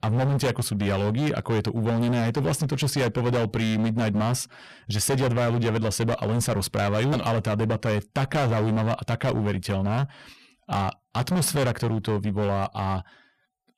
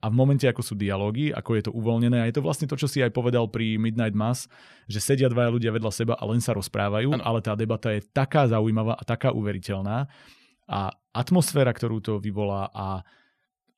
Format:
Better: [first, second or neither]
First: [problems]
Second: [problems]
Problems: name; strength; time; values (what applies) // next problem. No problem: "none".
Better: second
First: distortion; heavy; 23% of the sound clipped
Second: none